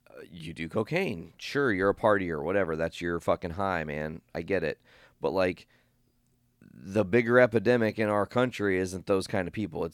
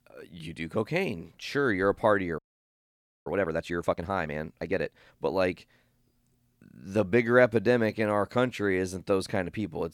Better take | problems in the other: first | audio freezing; at 2.5 s for 1 s

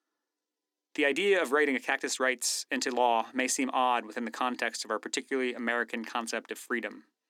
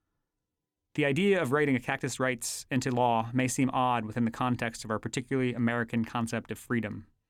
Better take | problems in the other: second | thin; somewhat; fading below 300 Hz

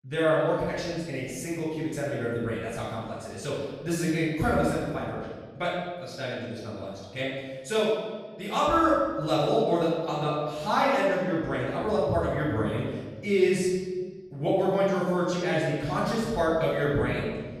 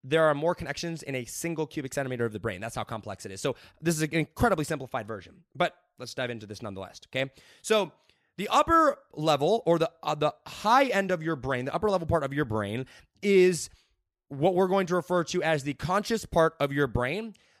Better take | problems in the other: second | room echo; strong; dies away in 1.4 s // off-mic speech; far

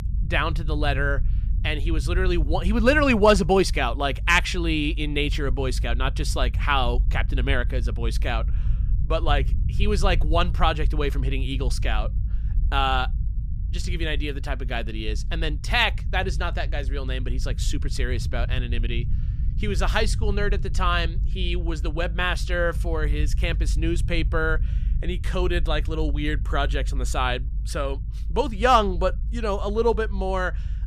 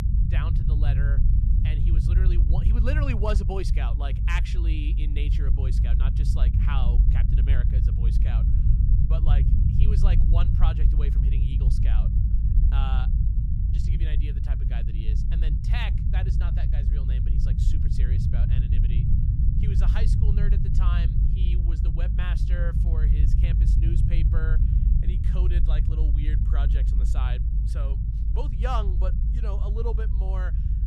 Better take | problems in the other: first | low rumble; loud; throughout; 2 dB below the speech; faint in the first

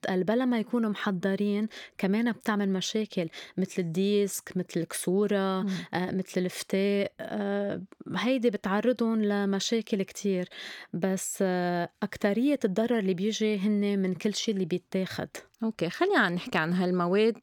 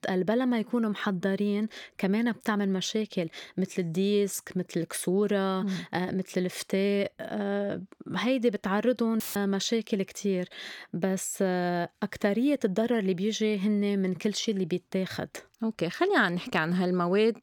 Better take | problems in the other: first | audio cutting out; filled with static; at 9 s

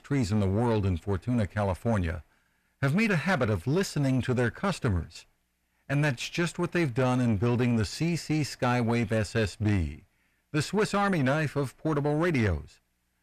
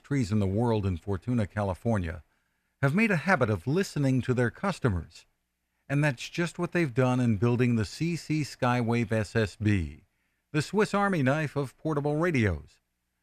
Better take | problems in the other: second | distortion; slight; 10 dB below the speech

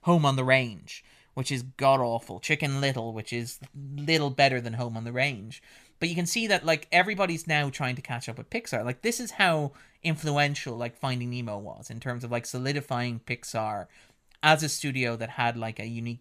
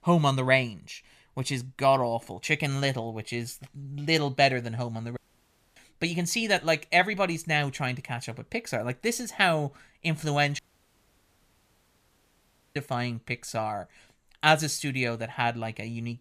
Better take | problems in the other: first | audio cutting out; at 5 s for 0.5 s and at 11 s for 2 s

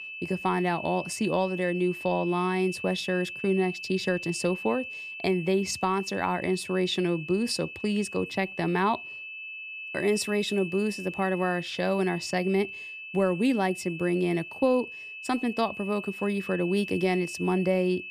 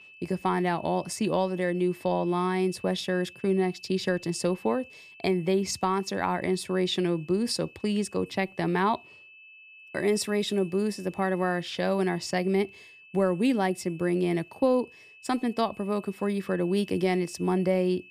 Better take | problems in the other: second | high-pitched whine; loud; throughout; 2.5 kHz, 10 dB below the speech; faint in the second

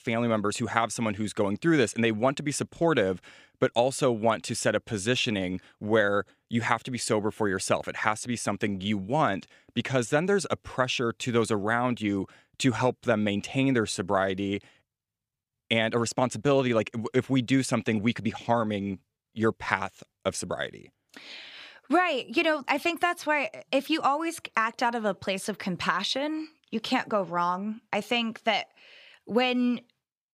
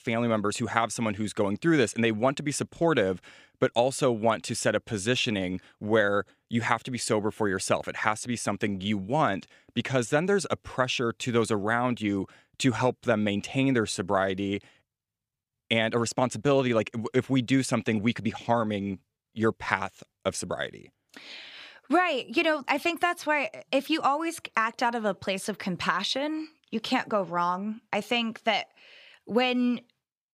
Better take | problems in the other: neither | none

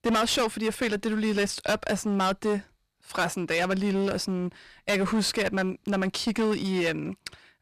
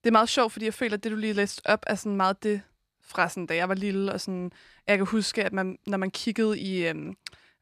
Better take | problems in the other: second | distortion; heavy; 15% of the sound clipped

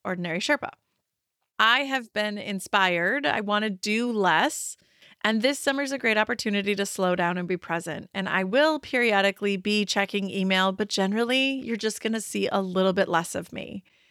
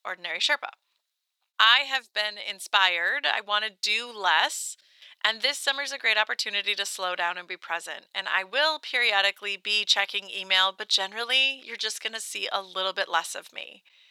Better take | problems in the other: first | thin; very; fading below 900 Hz

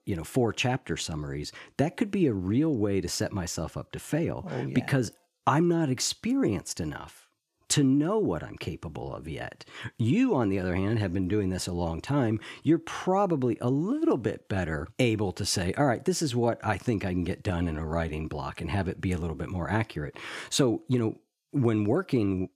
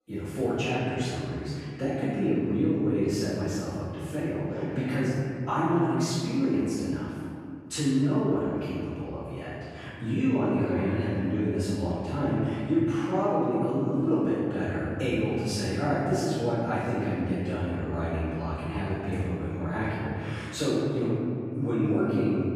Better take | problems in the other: first | off-mic speech; far // room echo; strong; dies away in 2.2 s

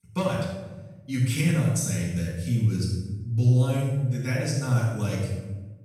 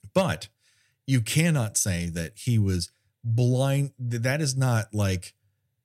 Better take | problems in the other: second | off-mic speech; far // room echo; noticeable; dies away in 1.1 s

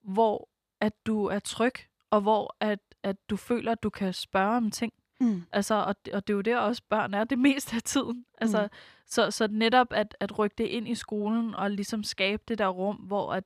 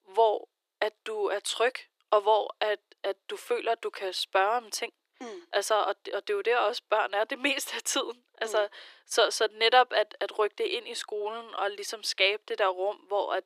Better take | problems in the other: first | thin; very; fading below 350 Hz

